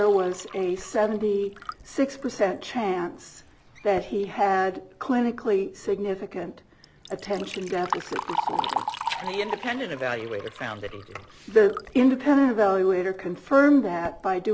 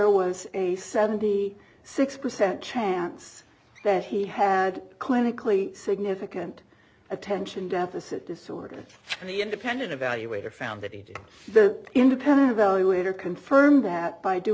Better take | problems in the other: second | background sound (Liquid); 13 dB below the speech

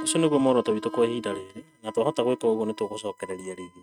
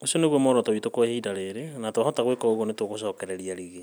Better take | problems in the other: second | noise reduction (neural mask model RNNoise)

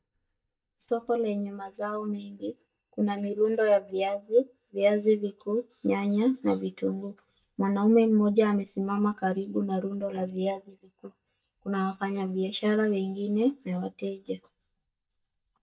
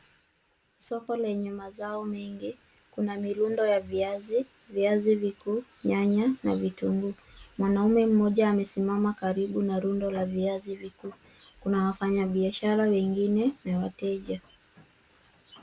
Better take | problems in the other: second | noise reduction (neural mask model DeepFilterNet 3)

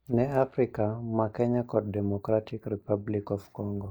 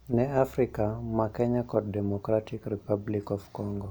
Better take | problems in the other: second | noise reduction (neural mask model DeepFilterNet 3)

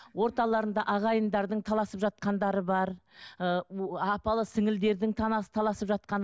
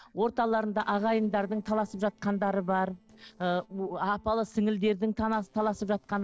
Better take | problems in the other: first | noise reduction (neural separator model SepFormer DNS4)

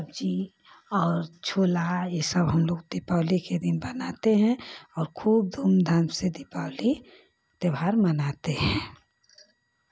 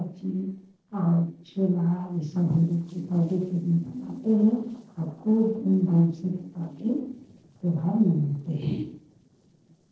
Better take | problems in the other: first | noise reduction (neural separator model SepFormer DNS4)

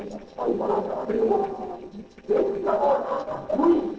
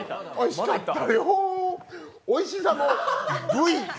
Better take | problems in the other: second | noise reduction (neural separator model SepFormer DNS4)

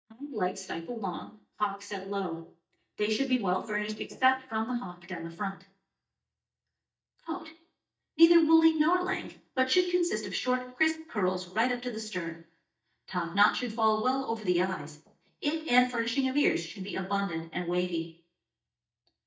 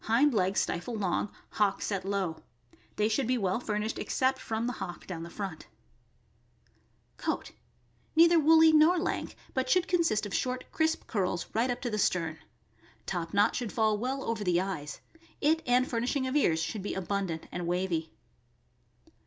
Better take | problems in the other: second | noise reduction (neural mask model DeepFilterNet 3)

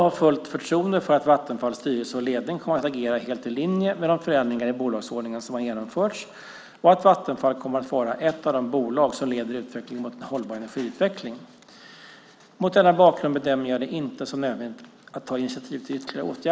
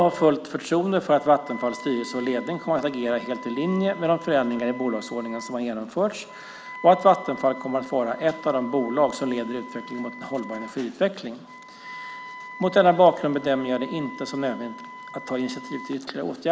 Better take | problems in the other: first | background sound (Wind instrument, woodwind instrument); 17 dB below the speech

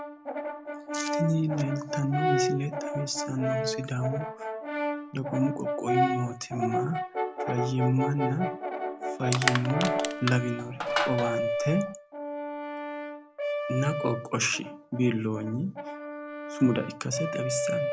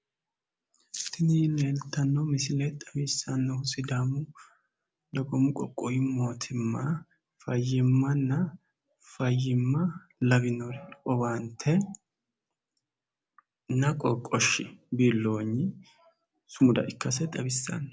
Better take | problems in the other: second | background sound (Brass instrument + Crushing); 1 dB below the speech

